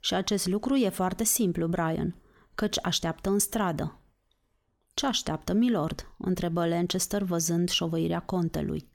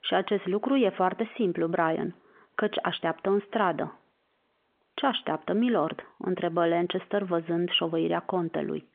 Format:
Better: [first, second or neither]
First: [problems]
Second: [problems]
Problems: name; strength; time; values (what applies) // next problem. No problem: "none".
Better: first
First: none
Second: phone-call audio; nothing above 3.5 kHz